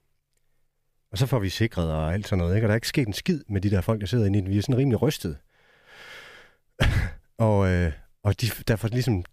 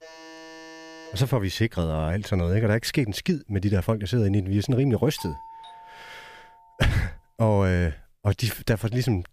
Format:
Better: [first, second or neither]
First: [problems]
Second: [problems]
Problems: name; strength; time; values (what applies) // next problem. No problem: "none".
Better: first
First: none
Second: alarm; faint; until 1.5 s; peak 15 dB below the speech // doorbell; faint; from 5 to 6.5 s; peak 15 dB below the speech